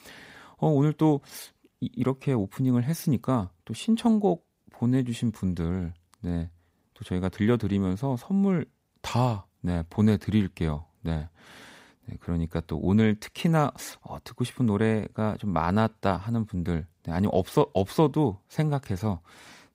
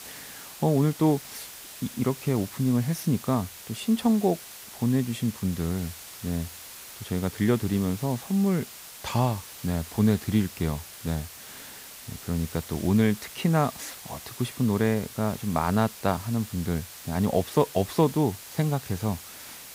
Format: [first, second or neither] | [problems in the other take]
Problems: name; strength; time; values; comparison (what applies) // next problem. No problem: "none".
first | hiss; noticeable; throughout; 15 dB below the speech